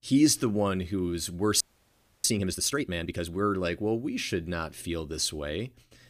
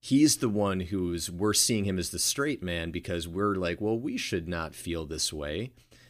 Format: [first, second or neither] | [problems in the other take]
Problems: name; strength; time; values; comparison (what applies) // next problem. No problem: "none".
second | audio freezing; at 1.5 s for 0.5 s